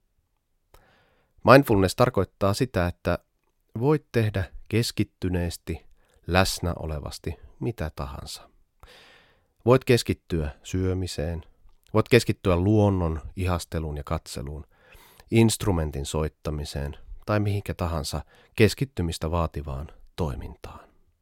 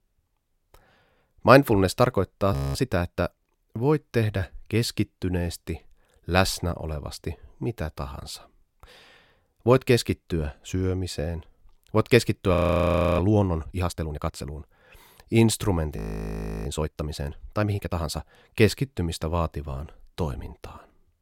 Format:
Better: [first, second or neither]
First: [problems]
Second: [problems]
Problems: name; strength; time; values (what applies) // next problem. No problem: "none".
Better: first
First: none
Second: audio freezing; at 2.5 s, at 13 s for 0.5 s and at 16 s for 0.5 s